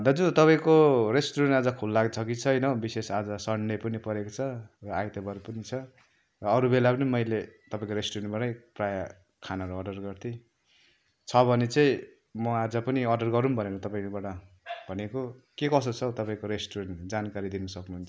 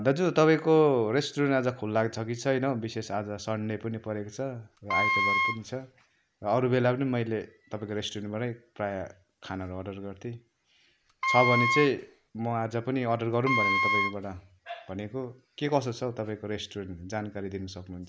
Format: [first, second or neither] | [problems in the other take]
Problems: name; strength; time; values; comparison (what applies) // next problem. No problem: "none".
first | background sound (Wind instrument, woodwind instrument); 1 dB above the speech